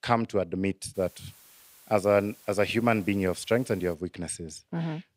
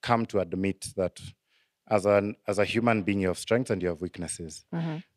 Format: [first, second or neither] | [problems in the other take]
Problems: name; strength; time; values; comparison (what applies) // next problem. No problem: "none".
second | hiss; faint; from 1 to 4 s; 25 dB below the speech